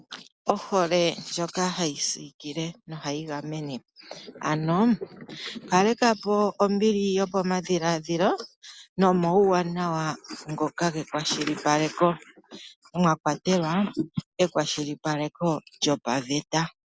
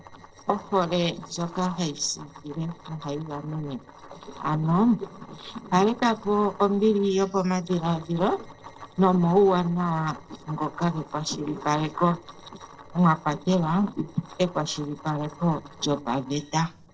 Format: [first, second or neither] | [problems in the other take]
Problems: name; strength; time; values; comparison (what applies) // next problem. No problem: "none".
first | noise reduction (neural separator model SepFormer DNS4)